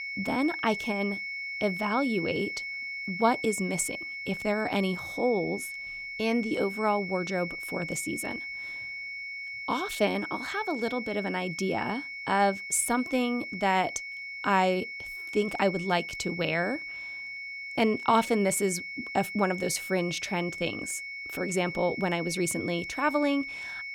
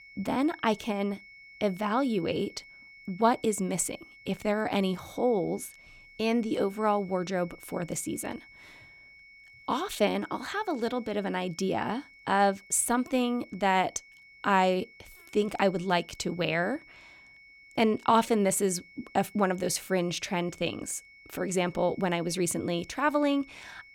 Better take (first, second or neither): second